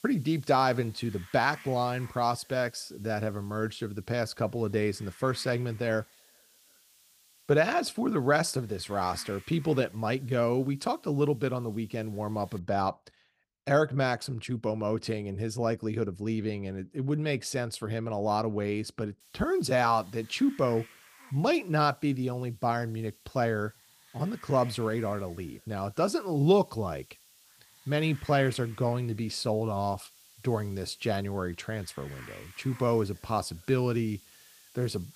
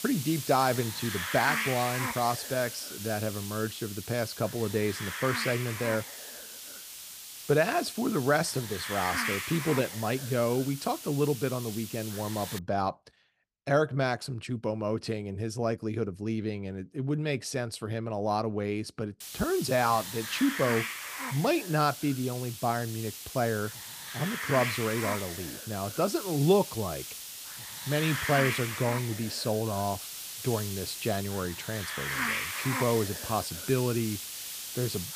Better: first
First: hiss; faint; until 13 s and from 19 s on; 25 dB below the speech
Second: hiss; loud; until 13 s and from 19 s on; 5 dB below the speech

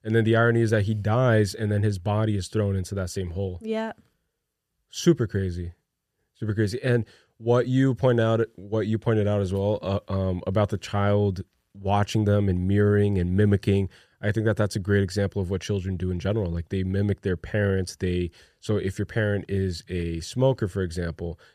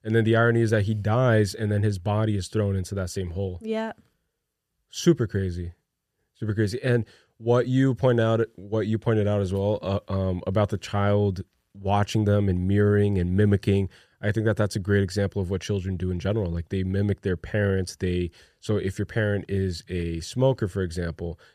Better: neither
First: none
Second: none

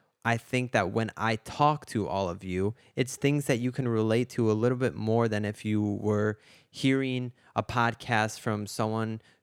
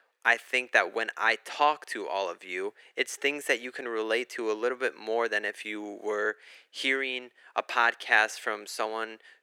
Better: first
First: none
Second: thin; very; fading below 400 Hz

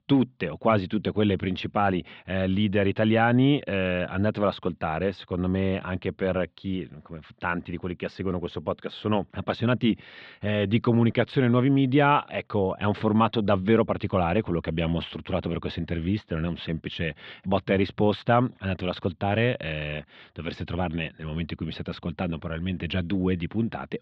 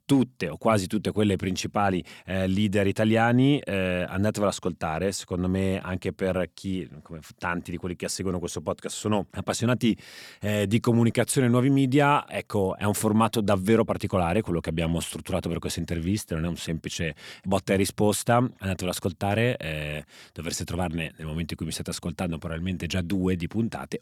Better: second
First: muffled; very; fading above 3.5 kHz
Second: none

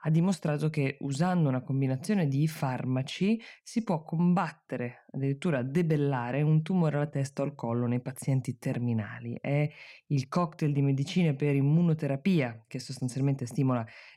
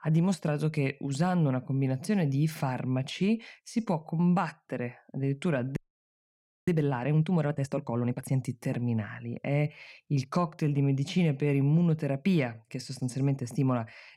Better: first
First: none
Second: audio freezing; at 6 s for 1 s

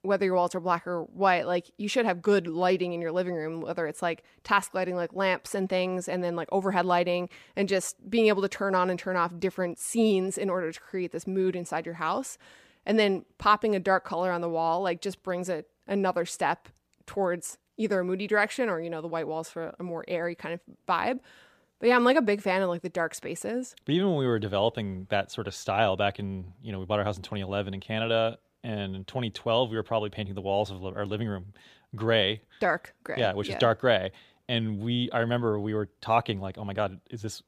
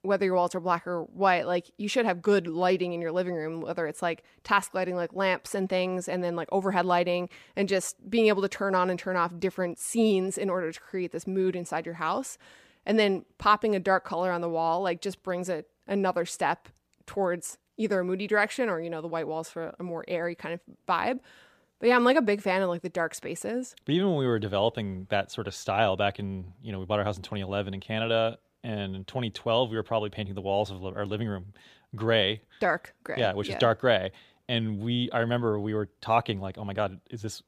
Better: neither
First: none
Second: none

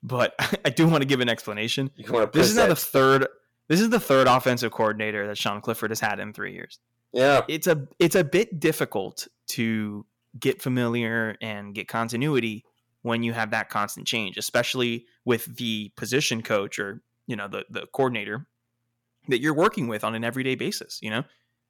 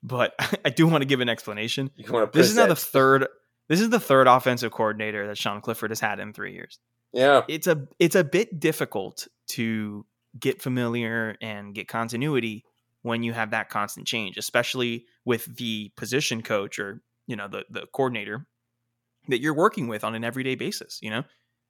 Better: second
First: distortion; slight; 2% of the sound clipped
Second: none

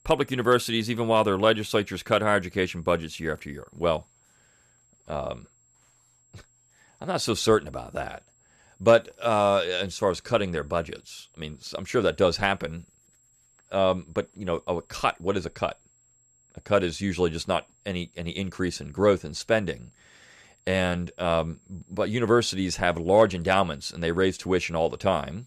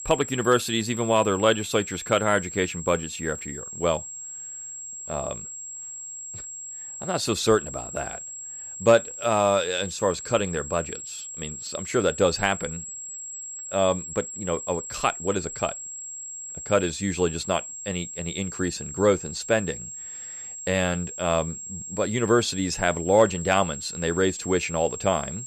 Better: first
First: high-pitched whine; faint; throughout; 7.5 kHz, 35 dB below the speech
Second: high-pitched whine; loud; throughout; 7.5 kHz, 9 dB below the speech

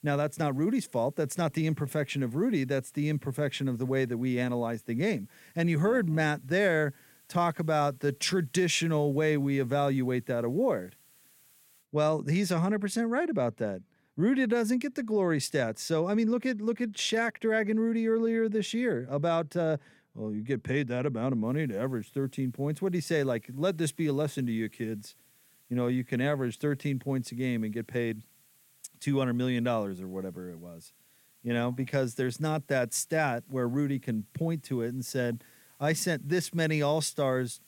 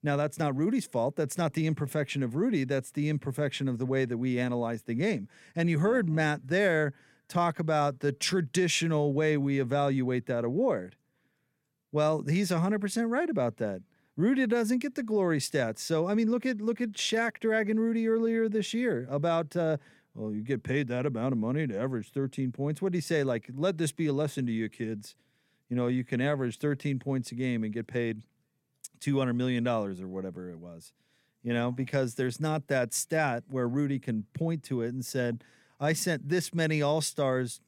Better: second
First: hiss; faint; until 12 s and from 21 s on; 30 dB below the speech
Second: none

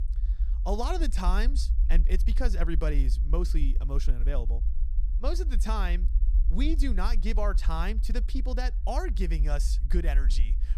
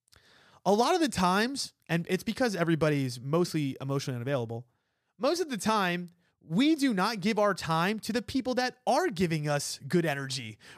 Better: second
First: low rumble; noticeable; throughout; 15 dB below the speech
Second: none

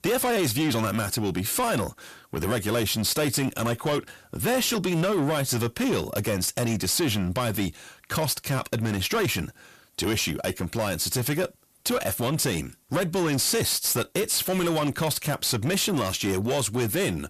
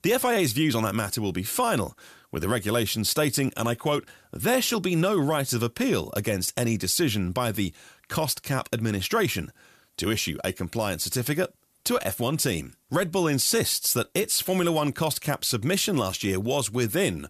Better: second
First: distortion; slight; 10 dB below the speech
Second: none

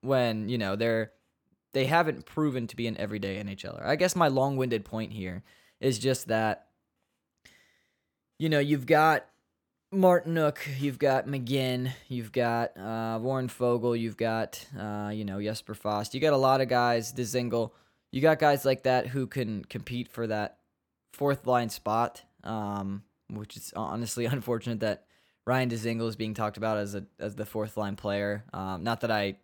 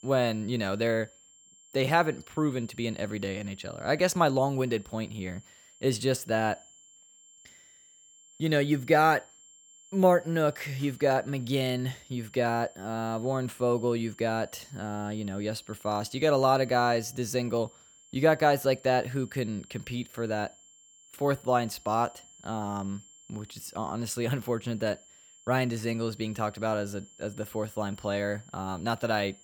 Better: first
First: none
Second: high-pitched whine; faint; throughout; 7.5 kHz, 25 dB below the speech

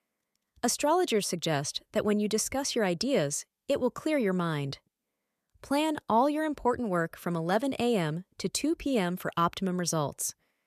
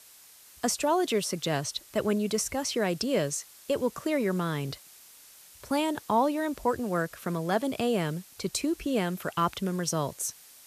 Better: first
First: none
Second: hiss; faint; throughout; 20 dB below the speech

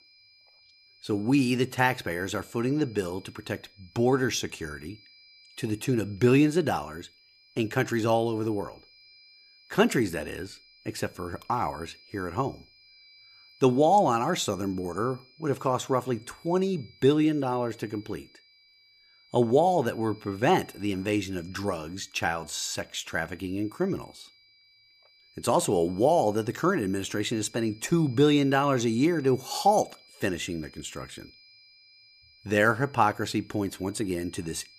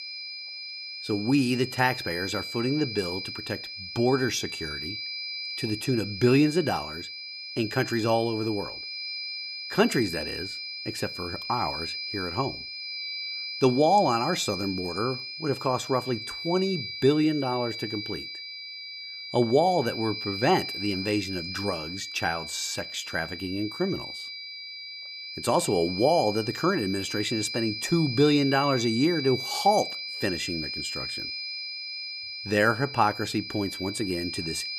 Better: first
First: high-pitched whine; faint; throughout; 5 kHz, 25 dB below the speech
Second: high-pitched whine; loud; throughout; 5 kHz, 7 dB below the speech

